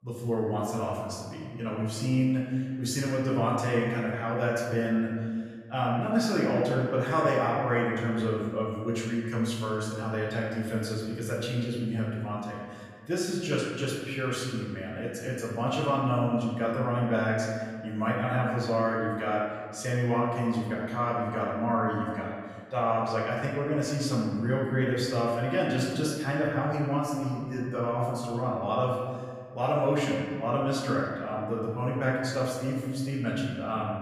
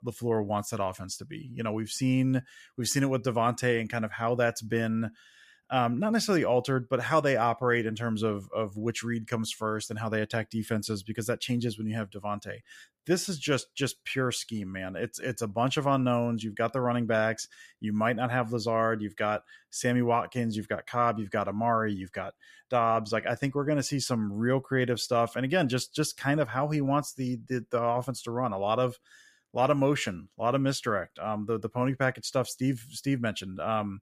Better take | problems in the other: second | room echo; noticeable; dies away in 1.7 s // off-mic speech; far

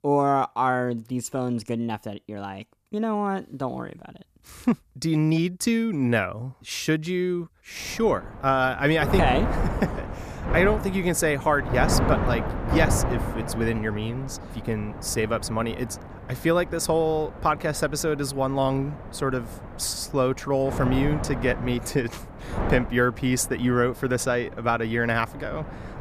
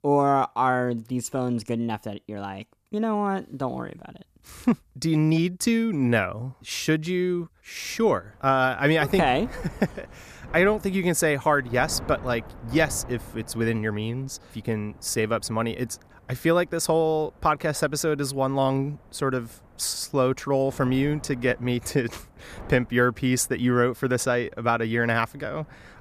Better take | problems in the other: second | wind noise on the microphone; heavy; from 8 s on; 9 dB below the speech; occasional gusts in the second

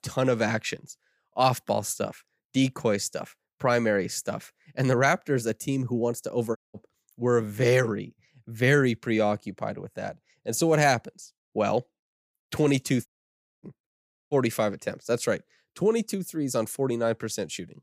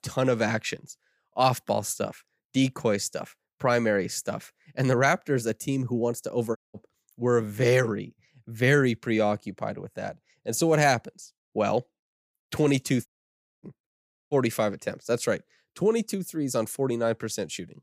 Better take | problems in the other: neither | audio cutting out; at 6.5 s, at 13 s for 0.5 s and at 14 s; the same in both

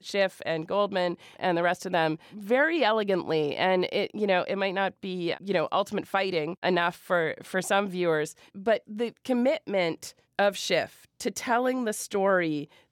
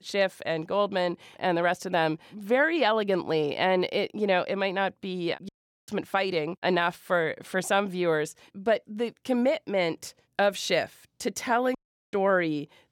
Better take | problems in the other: first | audio cutting out; at 5.5 s and at 12 s

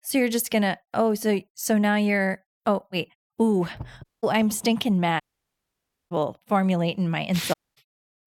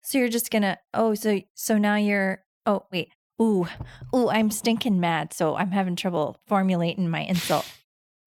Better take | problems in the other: second | audio cutting out; at 4 s, at 5 s for 1 s and at 7.5 s

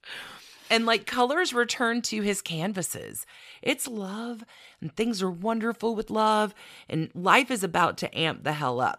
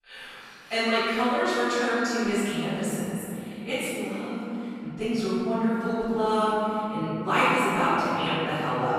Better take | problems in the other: first | room echo; strong; dies away in 3 s // off-mic speech; far

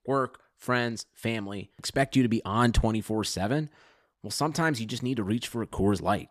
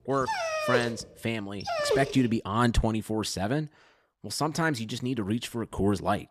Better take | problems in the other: first | dog barking; loud; until 2 s; peak 1 dB above the speech

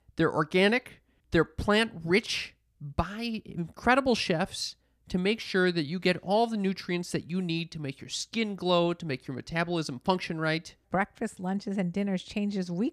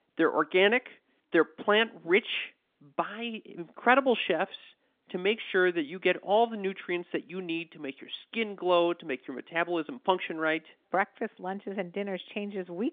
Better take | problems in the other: first | phone-call audio

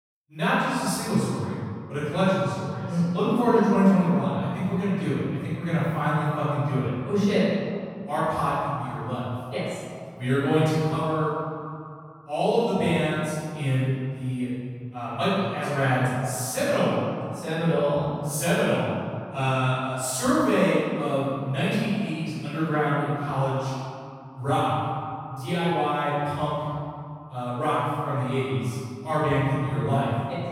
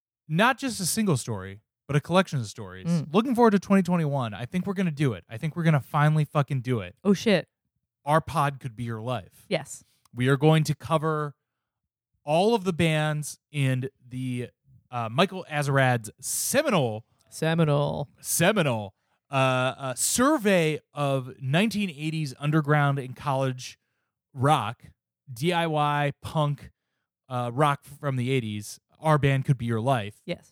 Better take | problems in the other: second | off-mic speech; far // room echo; strong; dies away in 2.2 s

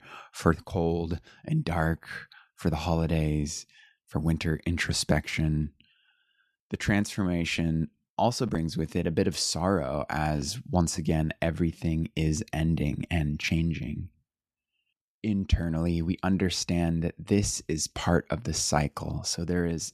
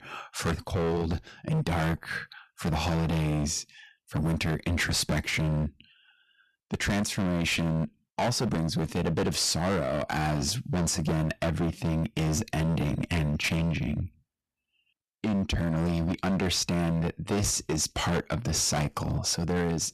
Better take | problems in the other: first | distortion; heavy; 22% of the sound clipped

